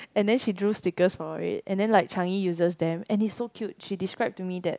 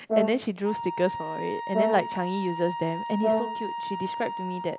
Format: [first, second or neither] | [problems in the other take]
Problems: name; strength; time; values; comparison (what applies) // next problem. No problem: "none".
first | background sound (Brass instrument + Wind instrument, woodwind instrument); 1 dB below the speech